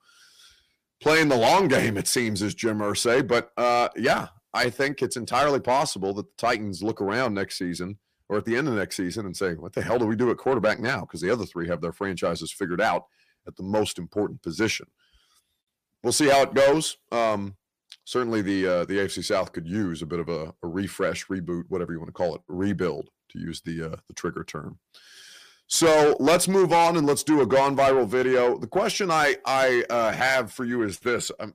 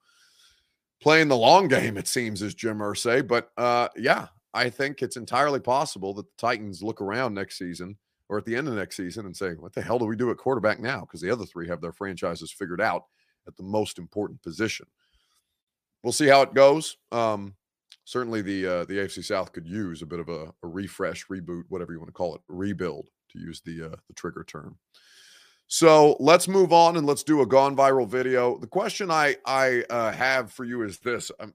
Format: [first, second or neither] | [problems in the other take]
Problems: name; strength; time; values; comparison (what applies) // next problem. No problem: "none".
second | distortion; heavy; 7 dB below the speech